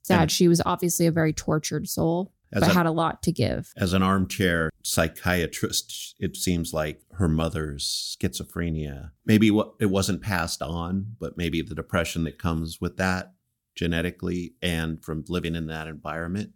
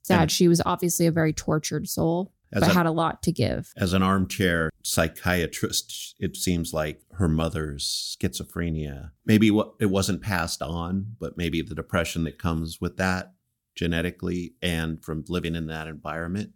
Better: neither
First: none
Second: none

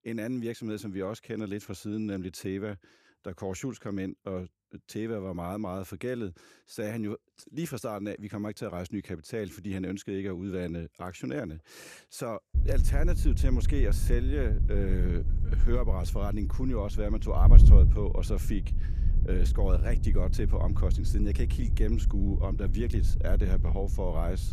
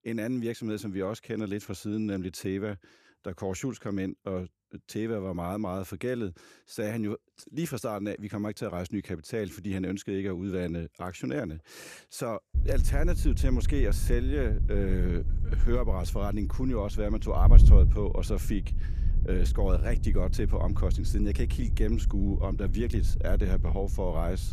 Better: second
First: wind noise on the microphone; heavy; from 13 s on; 8 dB below the speech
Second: wind noise on the microphone; occasional gusts; from 13 s on; 10 dB below the speech

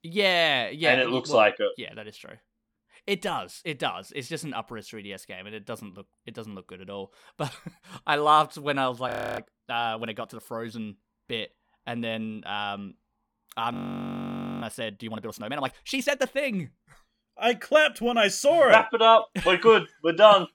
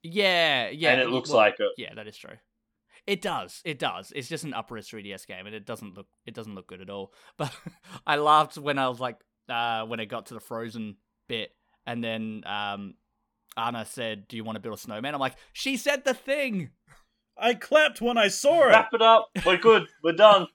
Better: second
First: audio freezing; at 9 s and at 14 s for 1 s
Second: none

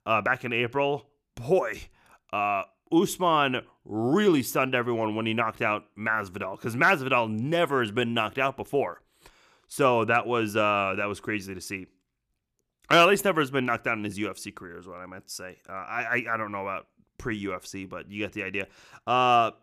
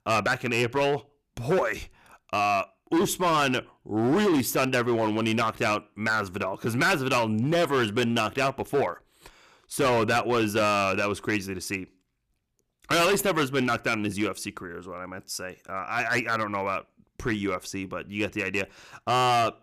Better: first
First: none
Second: distortion; heavy; 10% of the sound clipped

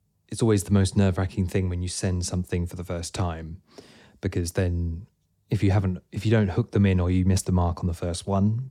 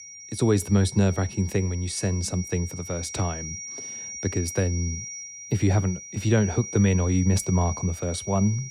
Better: first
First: none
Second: high-pitched whine; noticeable; throughout; 5.5 kHz, 10 dB below the speech

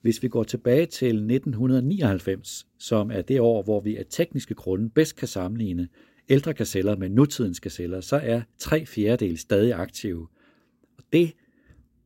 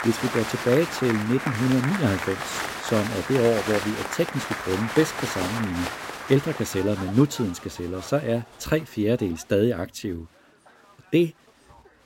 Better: first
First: none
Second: crowd noise; loud; throughout; 6 dB below the speech

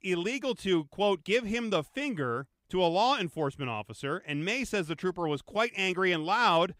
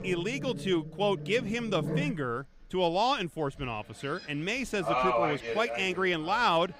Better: first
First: none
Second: animal sounds; loud; throughout; 4 dB below the speech

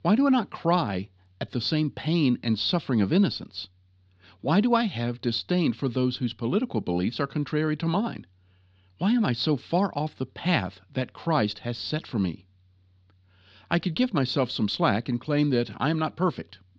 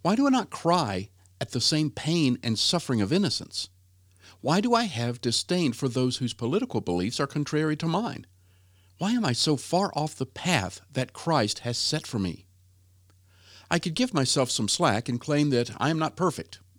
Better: second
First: muffled; very slightly; fading above 4 kHz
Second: none

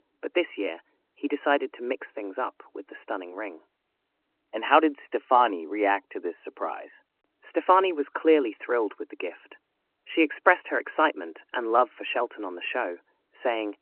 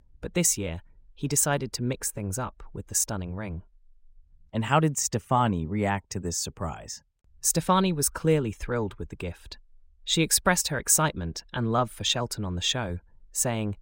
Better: second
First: phone-call audio; nothing above 3 kHz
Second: none

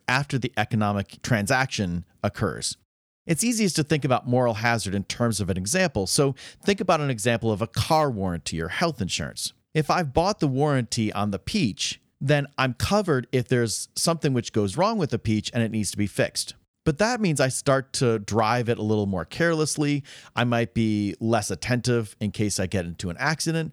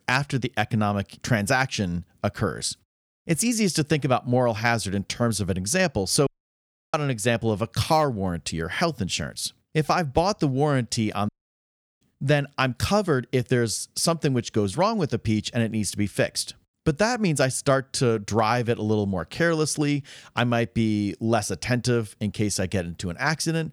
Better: first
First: none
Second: audio cutting out; at 6.5 s for 0.5 s and at 11 s for 0.5 s

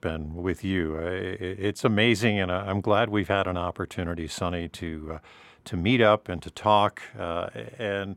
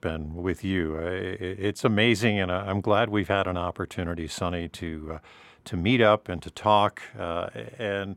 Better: neither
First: none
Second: none

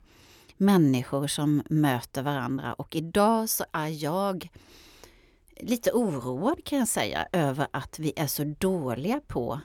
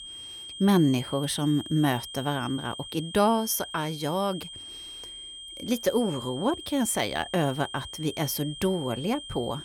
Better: first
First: none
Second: high-pitched whine; noticeable; throughout; 3 kHz, 10 dB below the speech

